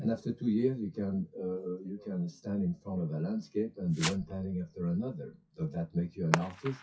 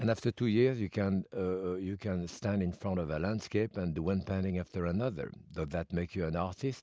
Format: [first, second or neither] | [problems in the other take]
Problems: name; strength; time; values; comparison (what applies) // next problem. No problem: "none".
second | noise reduction (classical method WPE with log-MMSE)